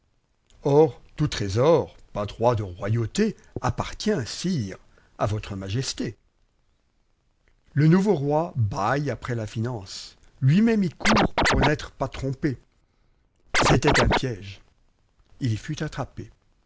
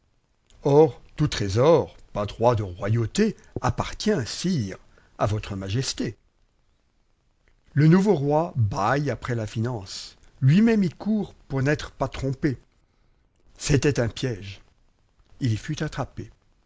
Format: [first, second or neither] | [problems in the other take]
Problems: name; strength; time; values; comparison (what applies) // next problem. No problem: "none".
second | background sound (Scratching (performance technique)); 5 dB above the speech